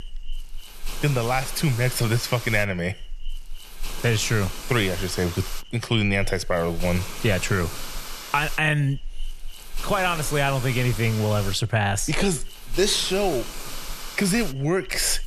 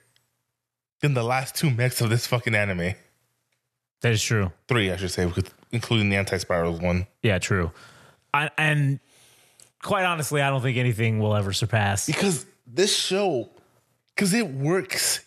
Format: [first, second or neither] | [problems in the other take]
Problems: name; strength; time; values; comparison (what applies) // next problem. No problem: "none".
second | hiss; noticeable; throughout; 10 dB below the speech